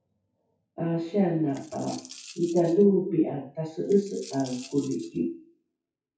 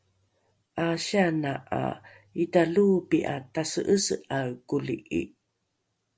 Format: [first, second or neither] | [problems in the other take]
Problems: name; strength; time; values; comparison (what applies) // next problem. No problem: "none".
second | noise reduction (classical method WPE with log-MMSE)